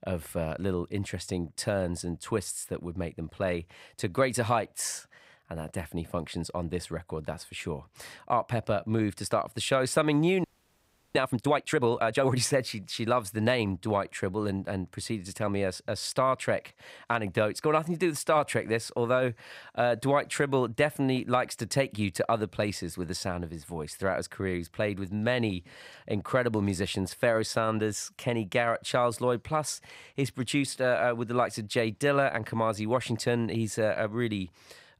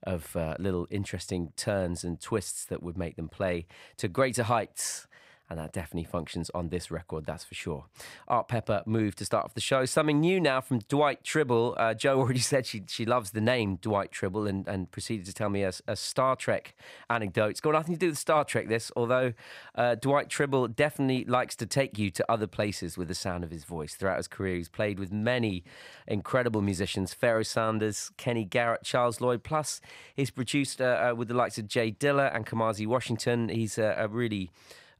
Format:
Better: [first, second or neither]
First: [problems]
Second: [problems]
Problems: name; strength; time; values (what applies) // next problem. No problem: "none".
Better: second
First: audio freezing; at 10 s for 0.5 s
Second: none